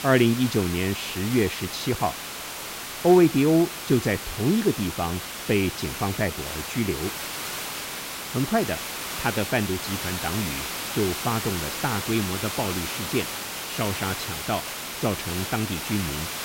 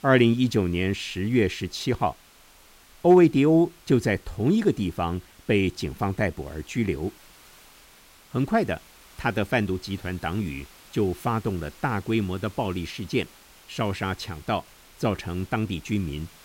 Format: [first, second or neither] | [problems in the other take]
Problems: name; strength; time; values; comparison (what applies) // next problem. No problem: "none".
second | hiss; loud; throughout; 5 dB below the speech; faint in the second